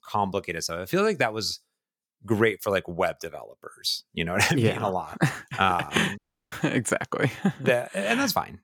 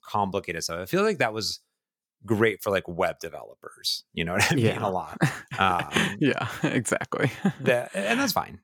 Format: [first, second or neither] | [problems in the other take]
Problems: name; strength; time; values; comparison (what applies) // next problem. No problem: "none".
second | audio cutting out; at 6 s